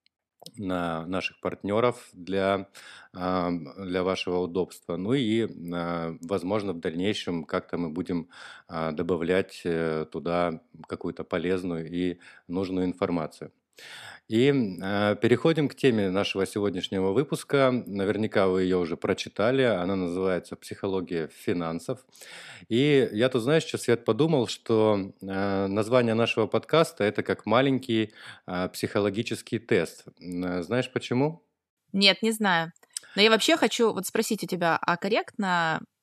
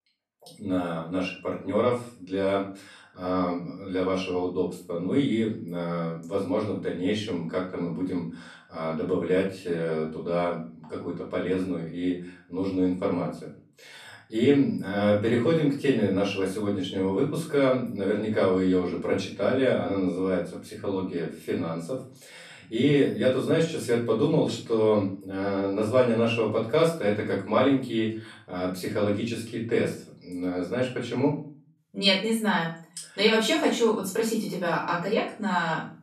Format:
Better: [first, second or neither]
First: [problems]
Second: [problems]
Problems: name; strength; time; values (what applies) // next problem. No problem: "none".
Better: first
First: none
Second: off-mic speech; far // room echo; noticeable; dies away in 0.4 s